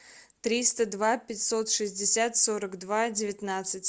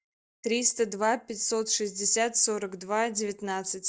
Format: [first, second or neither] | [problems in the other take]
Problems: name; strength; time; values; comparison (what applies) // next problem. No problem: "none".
first | noise reduction (neural mask model DeepFilterNet 3)